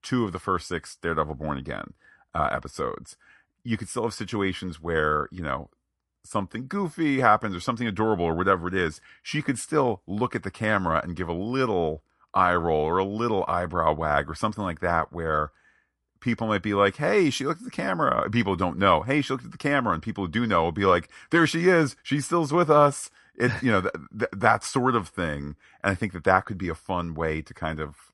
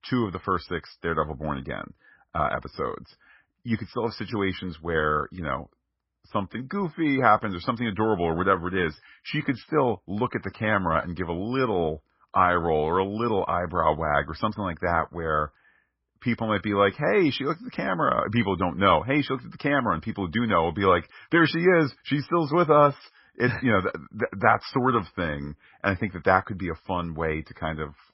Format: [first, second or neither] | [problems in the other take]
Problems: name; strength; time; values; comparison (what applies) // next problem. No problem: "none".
first | garbled, watery; badly; nothing above 5.5 kHz; slightly in the first